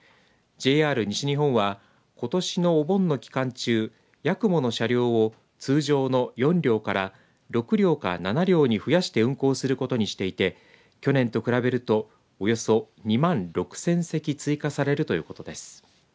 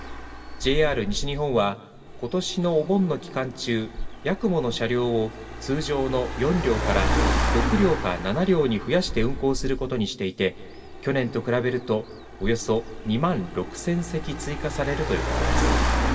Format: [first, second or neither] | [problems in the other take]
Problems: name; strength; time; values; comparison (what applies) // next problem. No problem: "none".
first | background sound (Car); 3 dB below the speech // room echo; dies away in 1.6 s